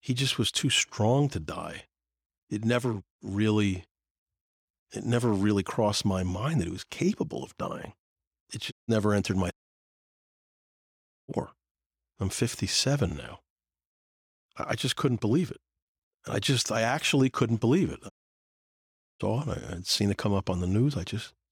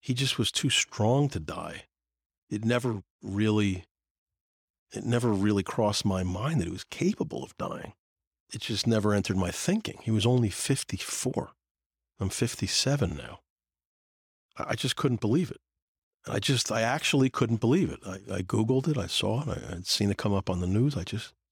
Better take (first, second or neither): second